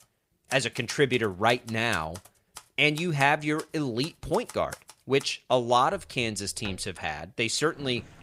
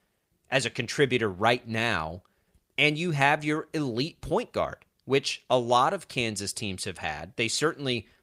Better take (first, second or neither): second